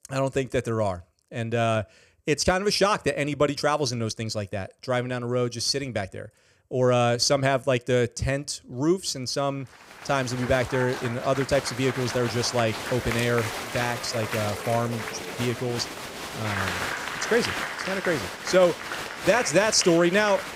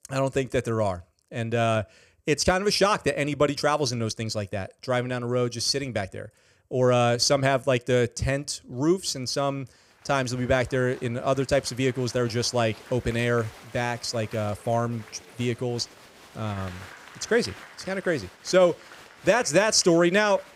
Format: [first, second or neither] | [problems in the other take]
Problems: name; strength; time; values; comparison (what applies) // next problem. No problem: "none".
second | crowd noise; loud; from 10 s on; 7 dB below the speech; faint in the second